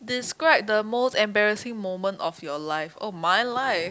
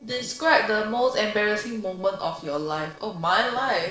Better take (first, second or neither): first